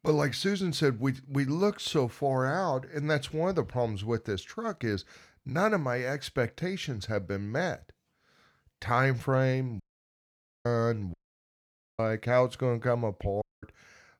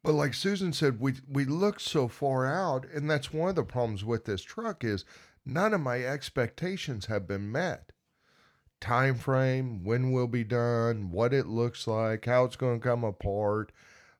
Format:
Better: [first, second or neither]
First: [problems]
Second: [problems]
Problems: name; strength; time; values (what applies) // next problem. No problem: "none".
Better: second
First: audio cutting out; at 10 s for 1 s, at 11 s for 1 s and at 13 s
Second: none